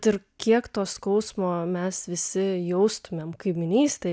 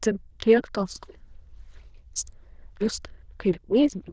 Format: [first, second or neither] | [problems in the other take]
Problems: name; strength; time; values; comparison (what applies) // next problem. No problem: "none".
first | noise reduction (neural diffusion model UNIVERSE++)